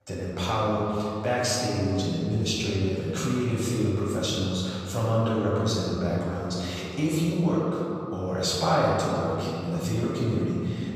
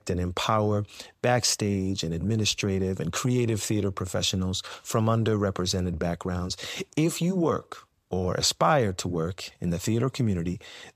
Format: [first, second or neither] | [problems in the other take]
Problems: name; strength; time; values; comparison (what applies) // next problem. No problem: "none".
second | off-mic speech; far // room echo; strong; dies away in 2.6 s